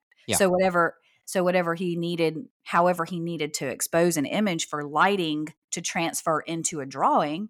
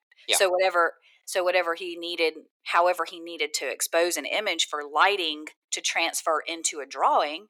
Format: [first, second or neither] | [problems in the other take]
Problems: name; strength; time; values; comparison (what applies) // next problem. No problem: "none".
first | thin; very; fading below 400 Hz